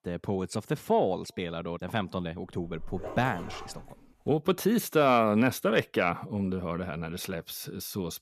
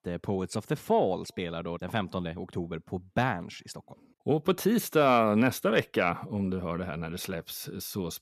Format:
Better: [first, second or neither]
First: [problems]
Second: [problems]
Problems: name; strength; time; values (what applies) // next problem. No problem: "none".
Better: second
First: dog barking; faint; from 2.5 to 4.5 s; peak 10 dB below the speech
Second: none